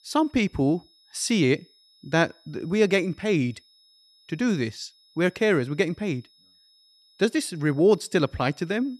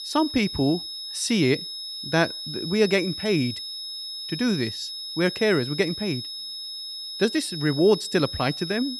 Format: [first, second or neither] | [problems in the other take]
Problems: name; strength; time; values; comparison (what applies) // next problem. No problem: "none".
first | high-pitched whine; loud; throughout; 5 kHz, 7 dB below the speech; faint in the first